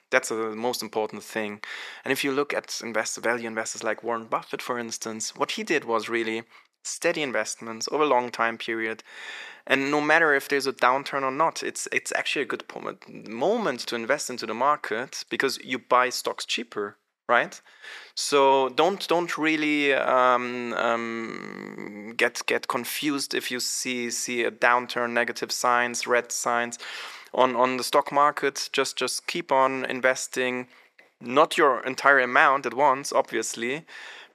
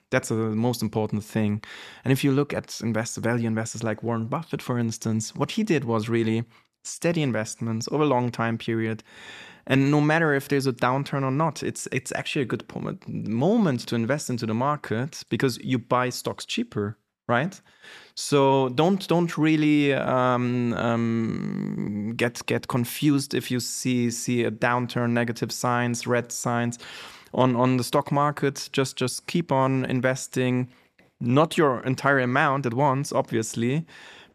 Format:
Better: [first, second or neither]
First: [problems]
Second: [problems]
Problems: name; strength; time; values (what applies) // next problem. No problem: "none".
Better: second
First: thin; somewhat; fading below 450 Hz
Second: none